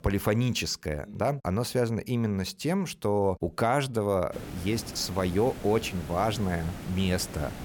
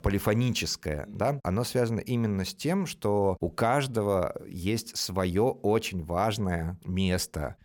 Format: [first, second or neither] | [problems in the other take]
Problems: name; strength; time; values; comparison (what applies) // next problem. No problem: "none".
second | hiss; noticeable; from 4.5 s on; 10 dB below the speech